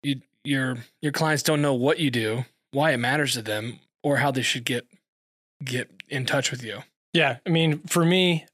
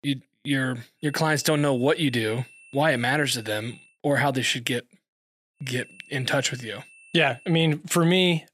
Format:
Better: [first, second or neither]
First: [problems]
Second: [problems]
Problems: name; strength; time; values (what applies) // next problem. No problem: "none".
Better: first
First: none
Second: high-pitched whine; faint; from 1 to 4 s and from 5.5 to 7.5 s; 2.5 kHz, 25 dB below the speech